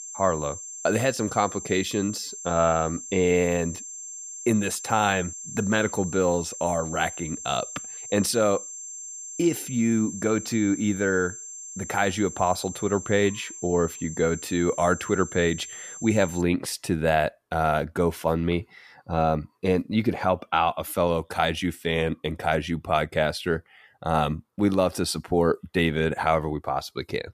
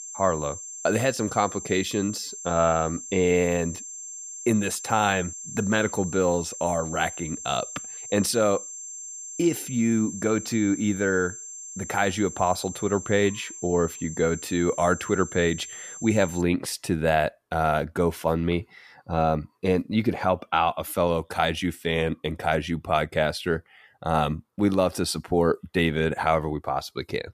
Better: neither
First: high-pitched whine; noticeable; until 16 s; 7.5 kHz, 10 dB below the speech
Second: high-pitched whine; noticeable; until 16 s; 7.5 kHz, 10 dB below the speech

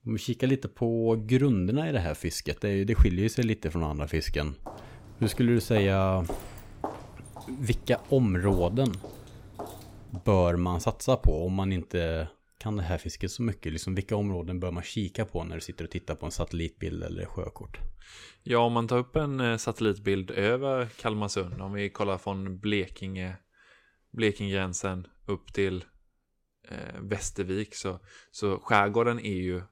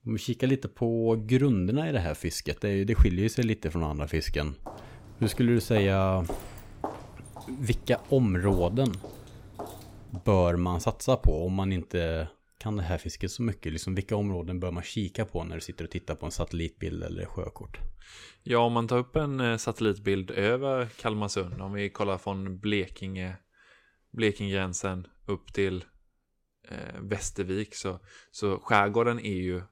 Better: neither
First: footsteps; noticeable; from 4.5 to 10 s; peak 9 dB below the speech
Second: footsteps; noticeable; from 4.5 to 10 s; peak 9 dB below the speech

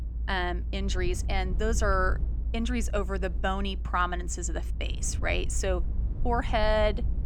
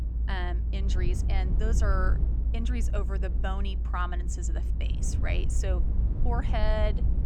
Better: first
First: low rumble; faint; throughout; 20 dB below the speech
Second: low rumble; loud; throughout; 10 dB below the speech

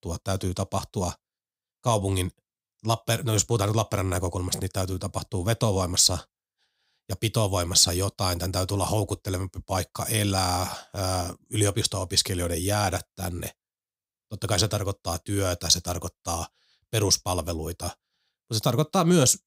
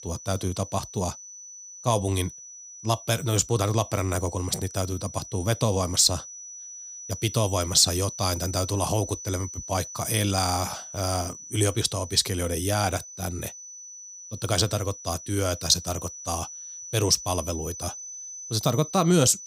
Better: first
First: none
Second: high-pitched whine; noticeable; throughout; 6 kHz, 10 dB below the speech

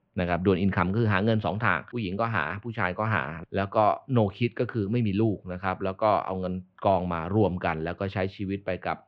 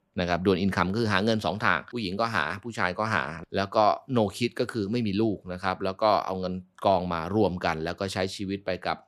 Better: second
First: muffled; slightly; fading above 3 kHz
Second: none

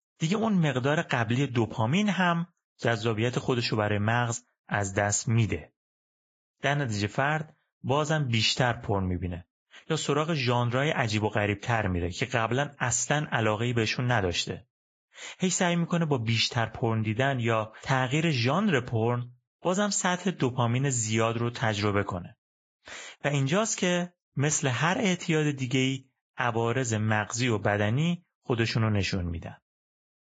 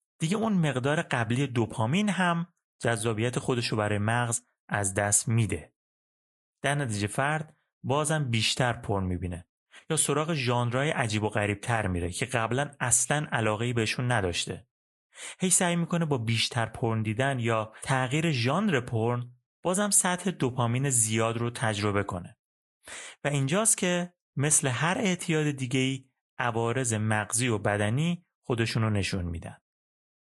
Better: second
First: garbled, watery; badly; nothing above 7.5 kHz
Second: garbled, watery; slightly; nothing above 10.5 kHz

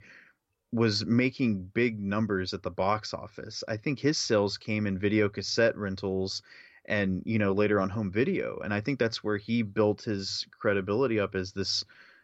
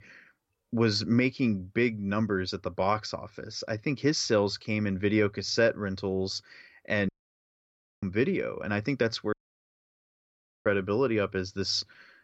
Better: first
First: none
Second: audio cutting out; at 7 s for 1 s and at 9.5 s for 1.5 s

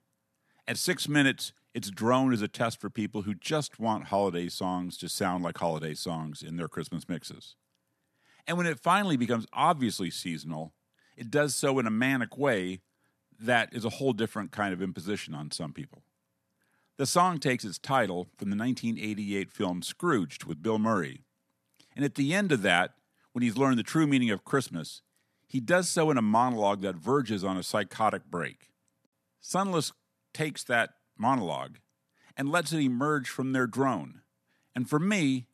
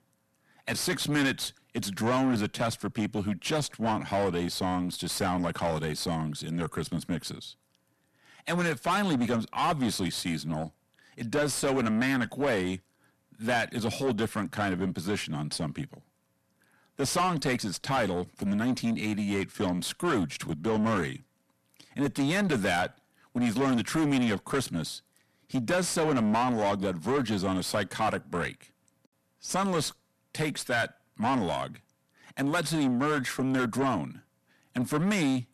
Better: first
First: none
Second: distortion; heavy; 7 dB below the speech

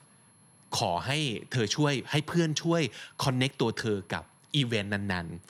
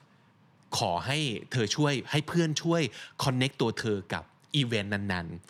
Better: second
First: high-pitched whine; faint; throughout; 11 kHz, 30 dB below the speech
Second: none

